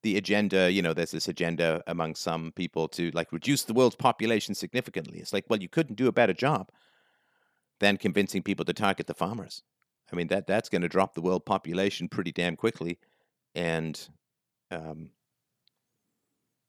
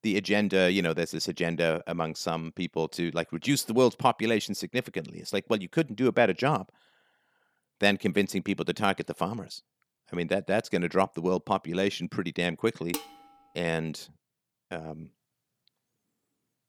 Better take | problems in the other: first | clattering dishes; noticeable; at 13 s; peak 8 dB below the speech

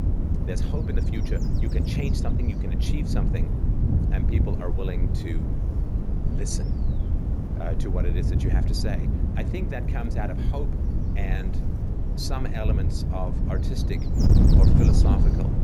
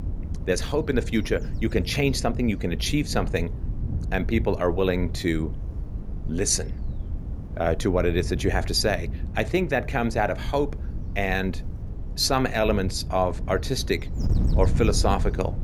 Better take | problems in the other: second | wind noise on the microphone; heavy; as loud as the speech; occasional gusts in the second

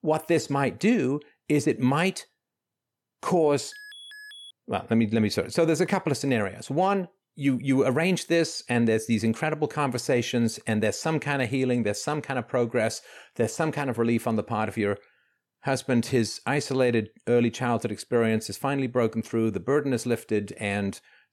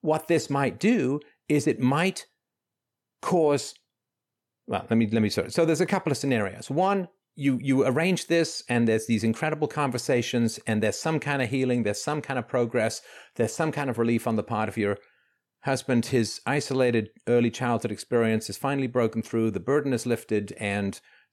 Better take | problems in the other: second | alarm; faint; at 3.5 s; peak 15 dB below the speech

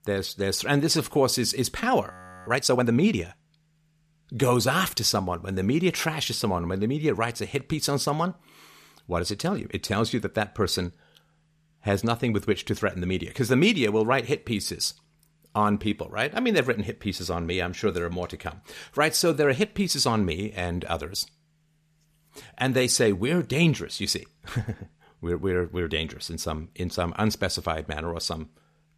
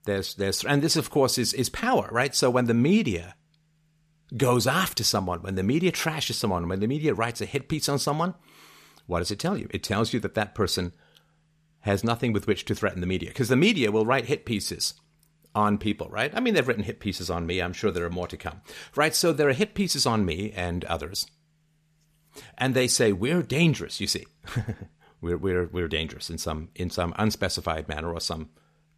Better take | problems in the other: second | audio freezing; at 2 s

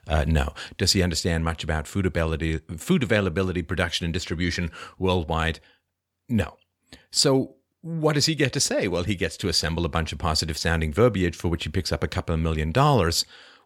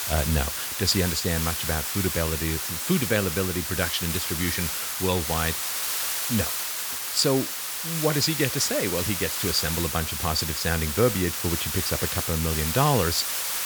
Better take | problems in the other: first | hiss; loud; throughout; 1 dB below the speech

